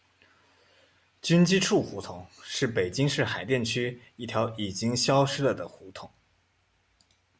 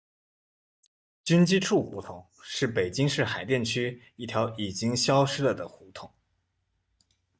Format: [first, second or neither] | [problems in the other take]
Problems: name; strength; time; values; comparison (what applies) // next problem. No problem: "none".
first | noise reduction (neural mask model DeepFilterNet 3)